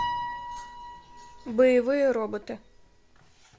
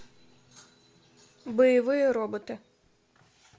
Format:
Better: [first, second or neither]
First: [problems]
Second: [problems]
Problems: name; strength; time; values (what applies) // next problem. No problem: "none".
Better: second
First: background sound (Piano); 10 dB below the speech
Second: none